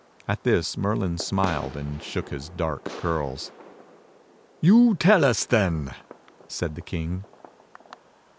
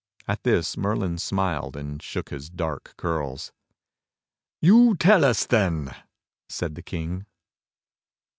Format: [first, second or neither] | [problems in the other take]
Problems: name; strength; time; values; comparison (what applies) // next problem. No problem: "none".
second | background sound (Fireworks); 19 dB below the speech